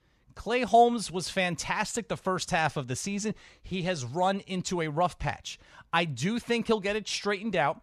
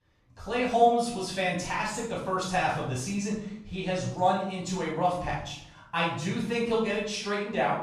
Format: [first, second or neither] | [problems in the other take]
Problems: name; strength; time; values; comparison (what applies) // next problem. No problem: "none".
first | off-mic speech; far // room echo; noticeable; dies away in 0.6 s